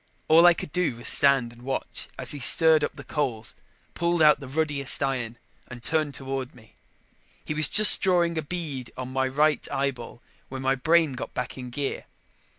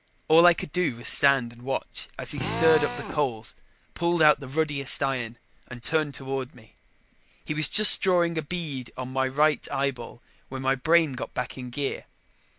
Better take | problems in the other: first | background sound (Drill); 5 dB below the speech

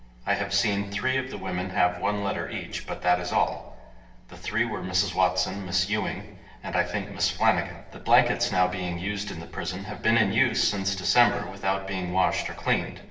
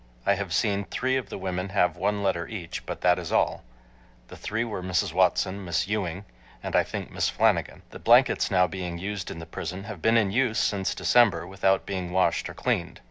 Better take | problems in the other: second | room echo; dies away in 0.8 s

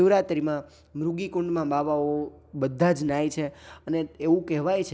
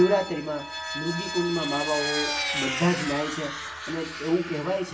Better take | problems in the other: first | background sound (Vehicle); 5 dB below the speech // room echo; dies away in 0.4 s

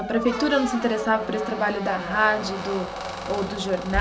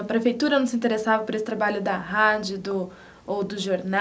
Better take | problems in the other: second | background sound (Squeak); 7 dB below the speech

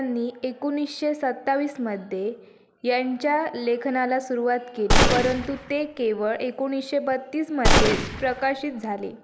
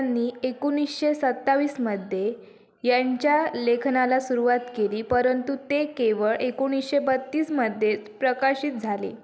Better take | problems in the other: second | background sound (Gunshot, gunfire); 4 dB above the speech

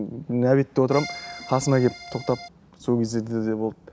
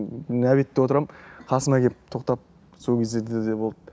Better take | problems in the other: second | background sound (Accordion); 14 dB below the speech

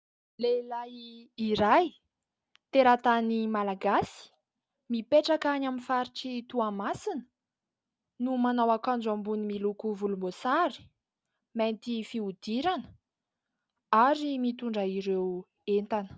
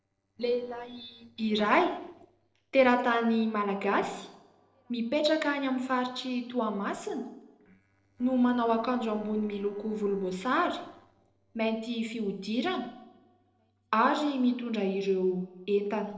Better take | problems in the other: first | noise reduction (neural separator model SepFormer DNS4)

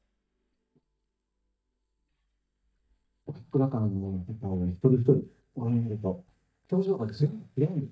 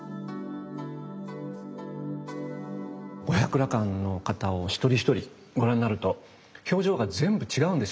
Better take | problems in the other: second | noise reduction (neural mask model DeepFilterNet 3)

